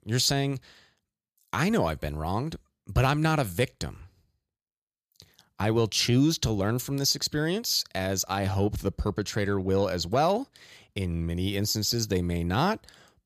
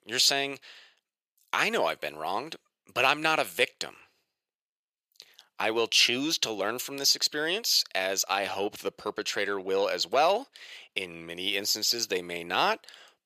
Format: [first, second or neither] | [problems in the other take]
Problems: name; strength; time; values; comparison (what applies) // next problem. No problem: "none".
first | thin; very; fading below 500 Hz